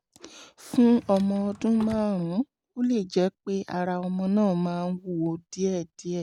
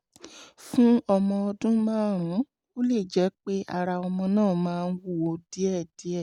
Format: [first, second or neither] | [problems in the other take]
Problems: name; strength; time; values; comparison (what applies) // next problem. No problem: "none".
second | background sound (Drawer open or close); 20 dB below the speech